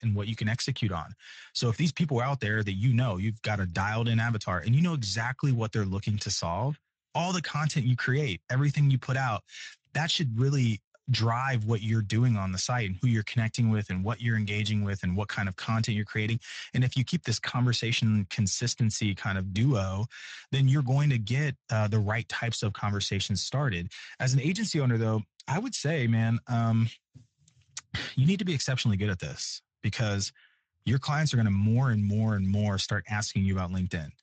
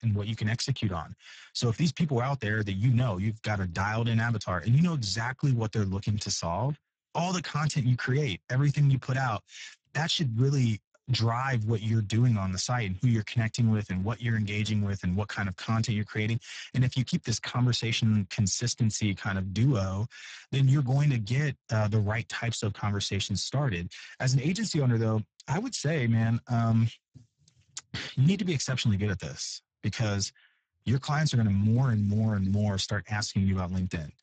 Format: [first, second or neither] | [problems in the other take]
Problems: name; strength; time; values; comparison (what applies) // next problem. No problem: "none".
first | garbled, watery; badly; nothing above 7.5 kHz; slightly in the first